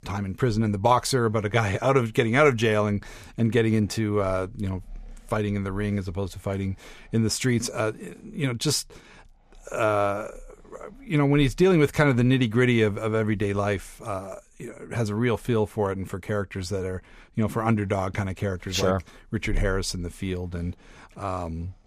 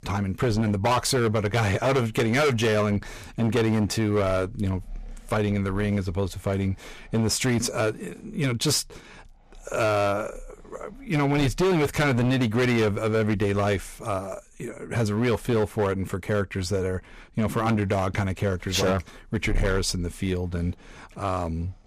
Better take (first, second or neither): first